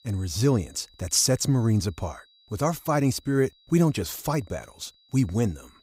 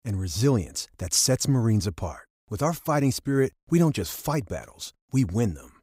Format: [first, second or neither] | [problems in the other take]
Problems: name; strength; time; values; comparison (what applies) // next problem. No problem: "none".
second | high-pitched whine; faint; throughout; 4 kHz, 30 dB below the speech